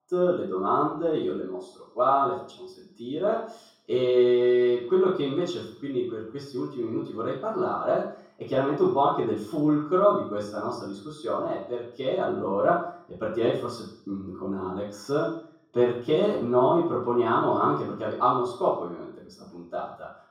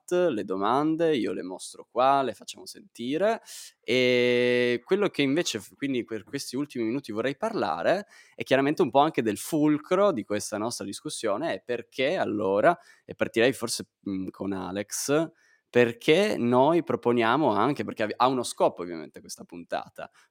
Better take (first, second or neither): second